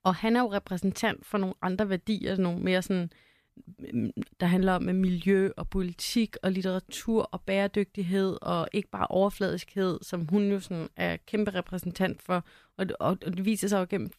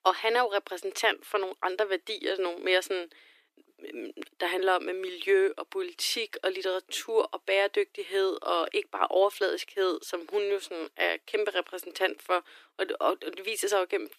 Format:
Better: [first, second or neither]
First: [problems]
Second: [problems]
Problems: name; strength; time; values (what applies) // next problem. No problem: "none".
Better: first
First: none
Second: thin; very; fading below 300 Hz